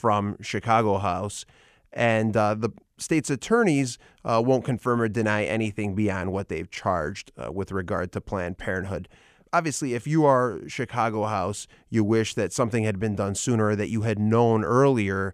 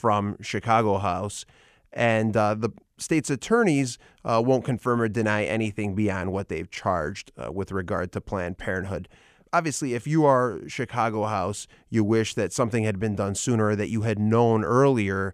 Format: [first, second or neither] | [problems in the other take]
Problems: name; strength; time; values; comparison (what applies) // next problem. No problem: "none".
neither | none